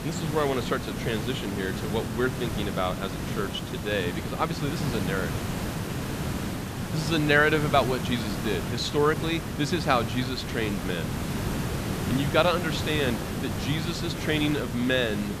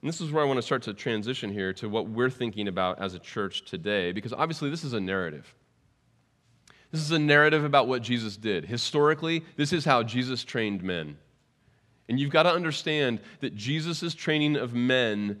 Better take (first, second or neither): second